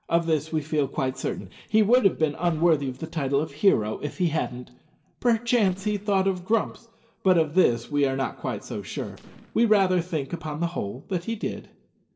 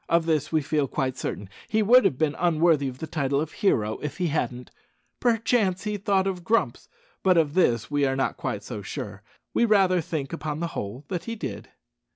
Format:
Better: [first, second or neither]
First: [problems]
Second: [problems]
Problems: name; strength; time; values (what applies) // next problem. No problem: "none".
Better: second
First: noise reduction (neural separator model SepFormer DNS4)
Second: none